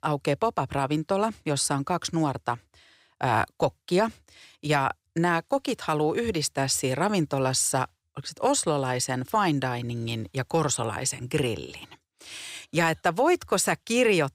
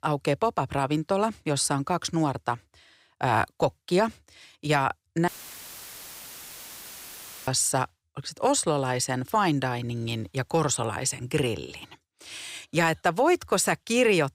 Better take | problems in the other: first | audio cutting out; filled with static; at 5.5 s for 2 s

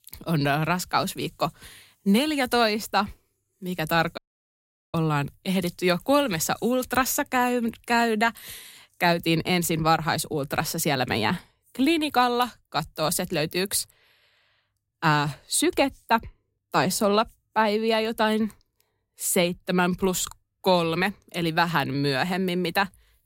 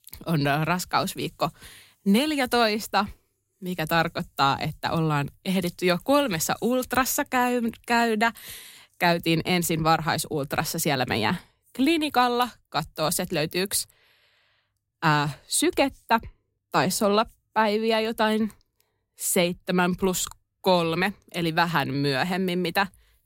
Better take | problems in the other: second | audio cutting out; at 4 s for 1 s

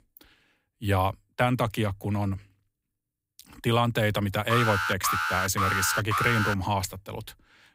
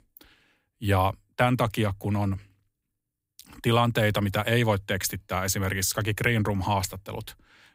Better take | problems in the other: second | alarm; loud; from 4.5 to 6.5 s; peak 1 dB above the speech

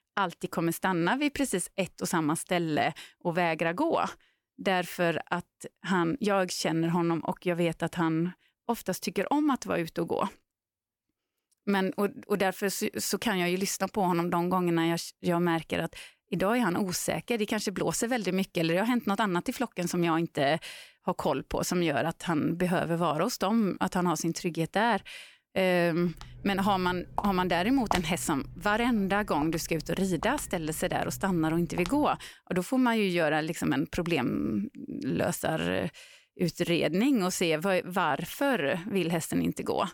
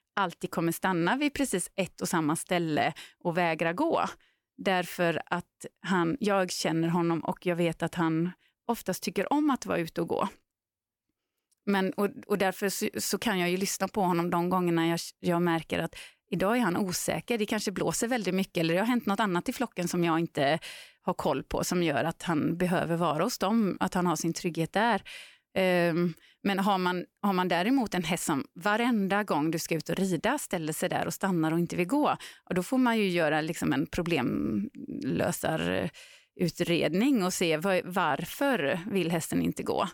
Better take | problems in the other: second | footsteps; noticeable; from 27 to 32 s; peak 4 dB below the speech

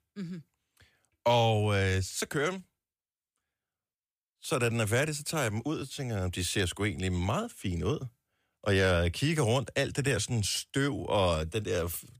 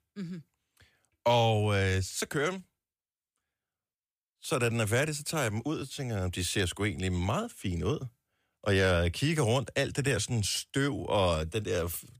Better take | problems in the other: neither | none

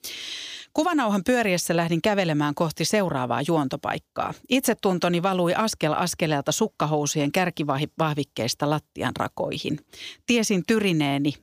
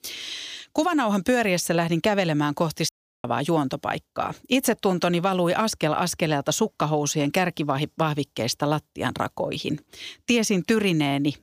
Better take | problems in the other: first | audio cutting out; at 3 s

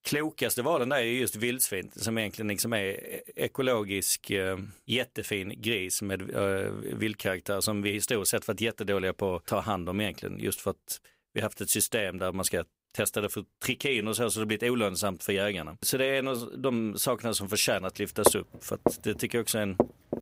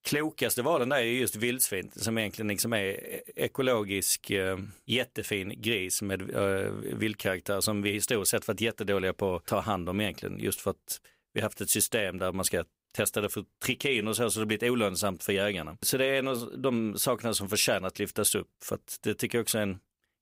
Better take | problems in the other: second | footsteps; loud; from 18 s on; peak 2 dB above the speech

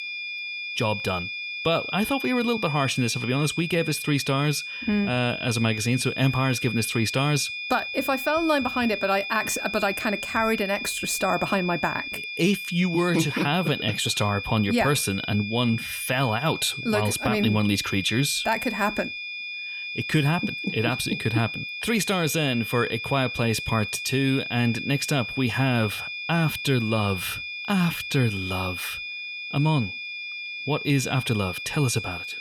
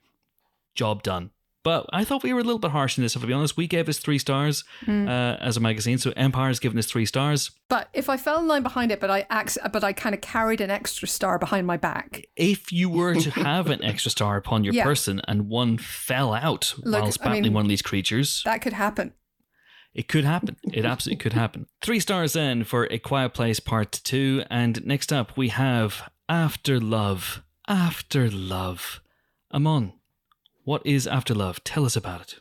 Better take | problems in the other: second | high-pitched whine; loud; throughout; 2.5 kHz, 6 dB below the speech

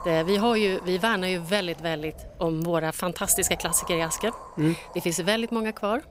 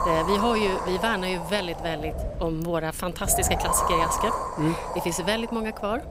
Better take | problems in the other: first | wind noise on the microphone; heavy; as loud as the speech; occasional gusts in the first

